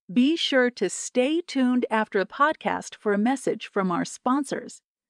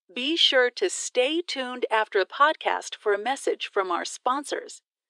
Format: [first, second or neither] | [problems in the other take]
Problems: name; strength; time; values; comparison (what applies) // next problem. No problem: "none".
first | thin; very; fading below 350 Hz